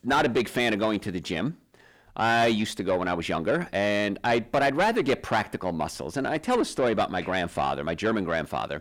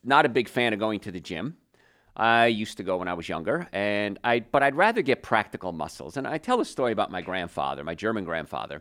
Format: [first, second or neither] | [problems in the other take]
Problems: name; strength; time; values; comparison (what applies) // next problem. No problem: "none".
second | distortion; heavy; 7 dB below the speech